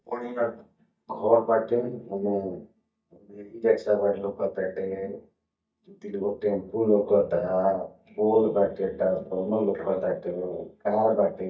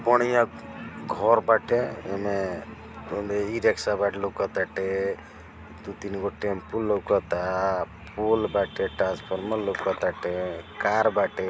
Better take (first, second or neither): second